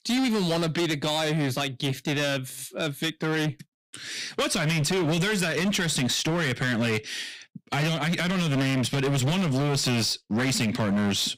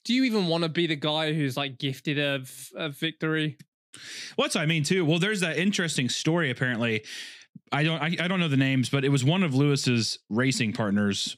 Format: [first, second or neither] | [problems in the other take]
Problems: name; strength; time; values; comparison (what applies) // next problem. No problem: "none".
second | distortion; heavy; 25% of the sound clipped